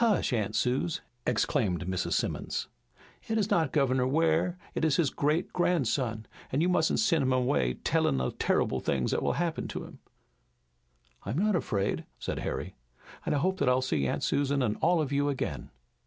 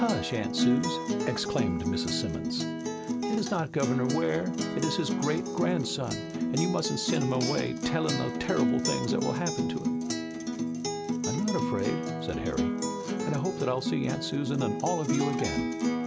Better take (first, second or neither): first